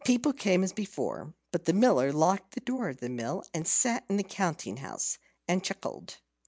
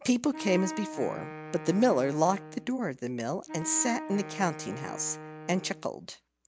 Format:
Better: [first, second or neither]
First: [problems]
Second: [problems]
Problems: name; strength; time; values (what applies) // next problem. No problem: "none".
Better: first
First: none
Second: background sound (Wind instrument, woodwind instrument); 11 dB below the speech